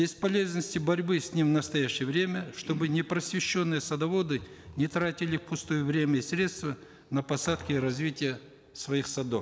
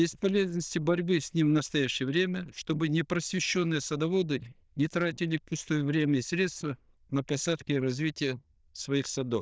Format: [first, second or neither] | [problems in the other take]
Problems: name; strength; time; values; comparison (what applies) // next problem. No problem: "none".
first | noise reduction (neural diffusion model UNIVERSE++)